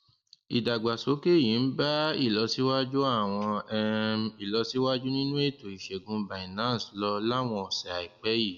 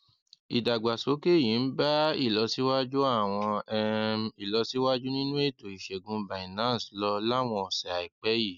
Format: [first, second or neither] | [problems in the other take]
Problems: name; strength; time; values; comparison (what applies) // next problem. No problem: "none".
second | room echo; dies away in 1 s